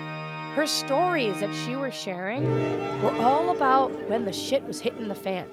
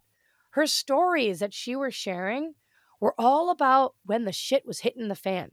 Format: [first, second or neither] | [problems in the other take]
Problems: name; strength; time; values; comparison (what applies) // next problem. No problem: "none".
second | background music; loud; throughout; 5 dB below the speech